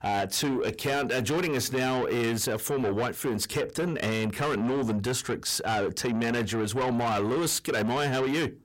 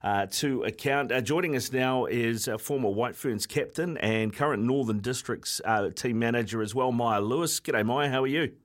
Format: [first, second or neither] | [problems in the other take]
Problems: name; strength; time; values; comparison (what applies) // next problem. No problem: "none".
second | distortion; heavy; 8 dB below the speech